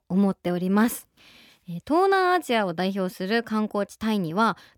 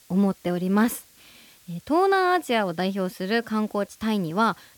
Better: first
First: none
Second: hiss; faint; throughout; 30 dB below the speech

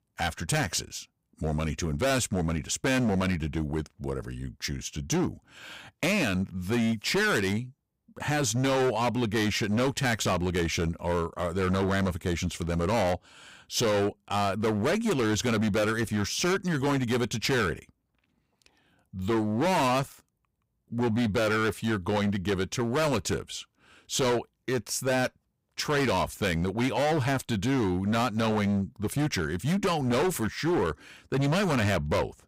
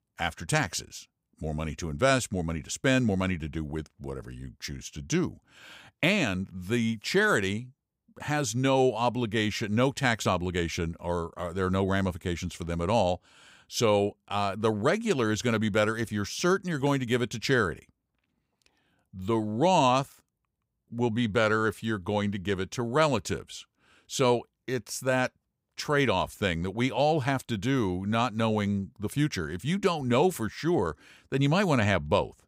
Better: second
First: distortion; heavy; 16% of the sound clipped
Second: none

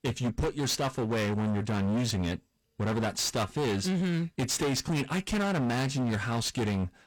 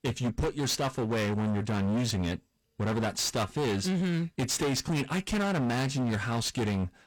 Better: neither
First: distortion; heavy; 30% of the sound clipped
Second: distortion; heavy; 30% of the sound clipped

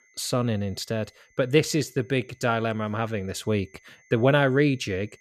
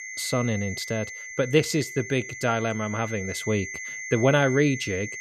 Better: first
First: high-pitched whine; faint; throughout; 2 kHz, 35 dB below the speech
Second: high-pitched whine; loud; throughout; 2 kHz, 9 dB below the speech

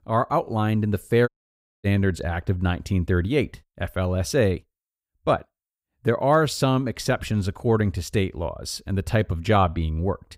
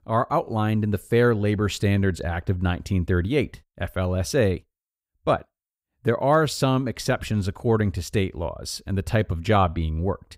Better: second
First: audio cutting out; at 1.5 s for 0.5 s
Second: none

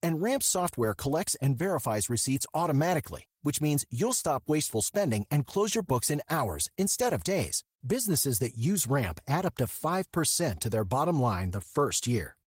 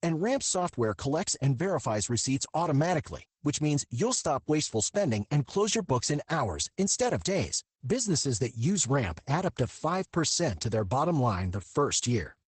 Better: first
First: garbled, watery; slightly; nothing above 16 kHz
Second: garbled, watery; badly; nothing above 8 kHz

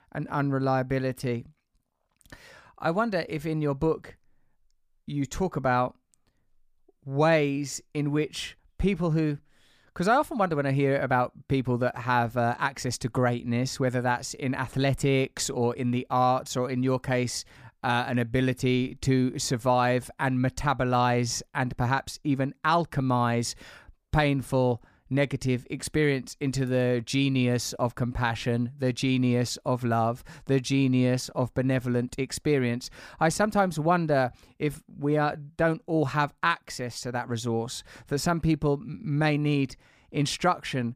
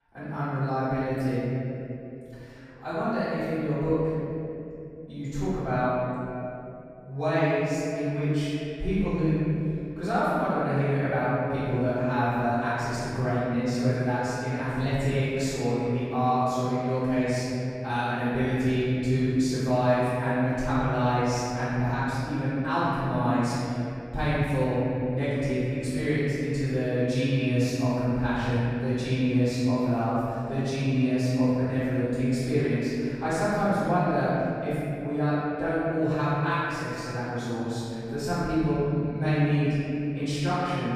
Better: first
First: none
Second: off-mic speech; far // room echo; strong; dies away in 3 s

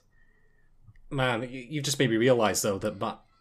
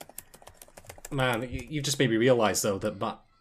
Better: first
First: none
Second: household noises; noticeable; until 1.5 s; 20 dB below the speech

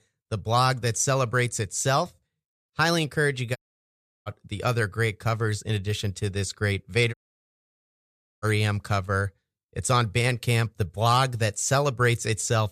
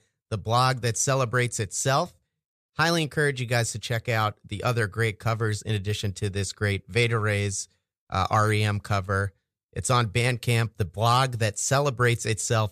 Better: second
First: audio cutting out; at 3.5 s for 0.5 s and at 7 s for 1.5 s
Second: none

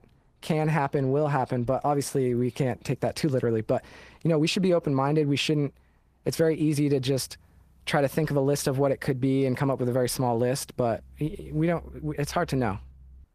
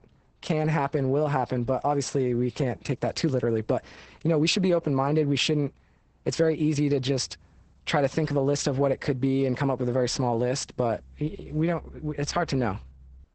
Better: first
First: garbled, watery; slightly; nothing above 14.5 kHz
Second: garbled, watery; badly; nothing above 8 kHz

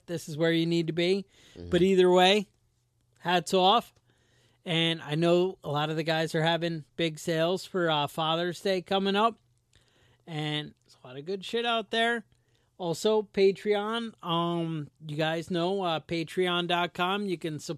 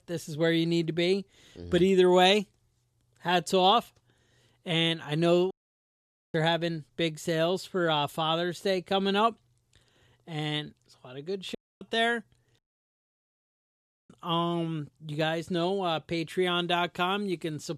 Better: first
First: none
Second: audio cutting out; at 5.5 s for 1 s, at 12 s and at 13 s for 1.5 s

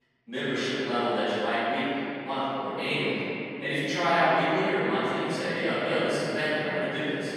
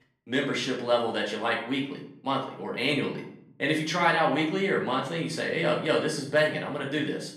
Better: second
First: room echo; strong; dies away in 2.7 s // off-mic speech; far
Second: room echo; slight; dies away in 0.6 s // off-mic speech; far

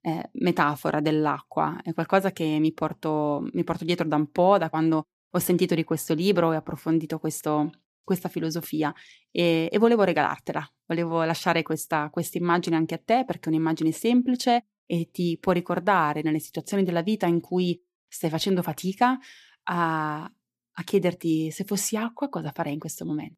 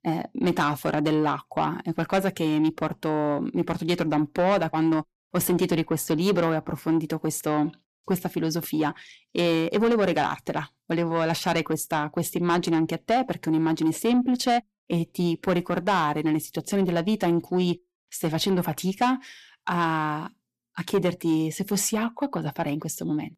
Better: first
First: none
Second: distortion; slight; 10 dB below the speech

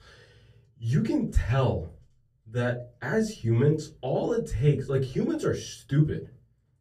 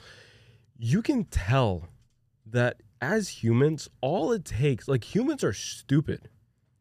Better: second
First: off-mic speech; far // room echo; very slight; dies away in 0.3 s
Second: none

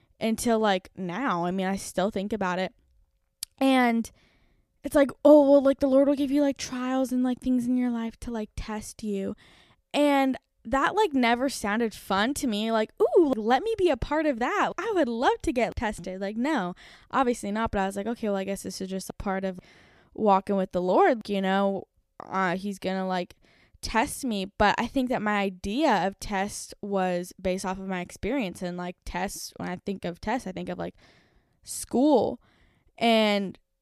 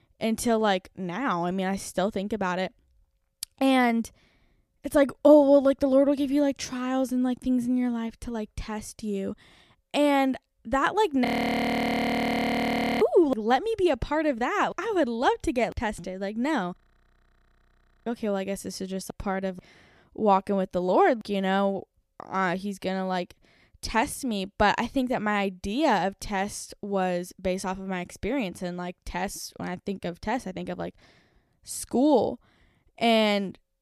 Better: first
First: none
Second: audio freezing; at 11 s for 2 s and at 17 s for 1.5 s

